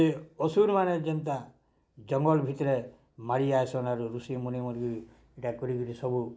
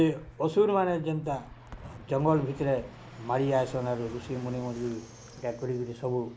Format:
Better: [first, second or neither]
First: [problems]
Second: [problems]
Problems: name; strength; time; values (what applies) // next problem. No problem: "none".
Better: first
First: none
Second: background sound (Zipper (clothing) + Fixed-wing aircraft, airplane); 17 dB below the speech